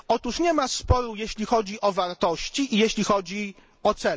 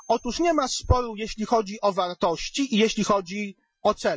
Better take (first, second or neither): first